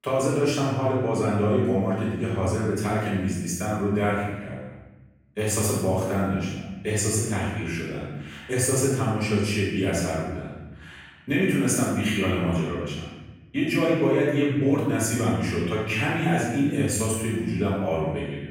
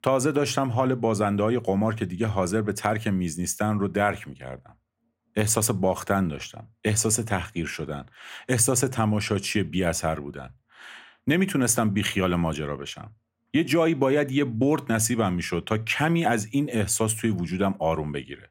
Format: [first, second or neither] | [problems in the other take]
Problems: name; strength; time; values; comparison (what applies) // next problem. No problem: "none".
second | off-mic speech; far // room echo; strong; dies away in 1.1 s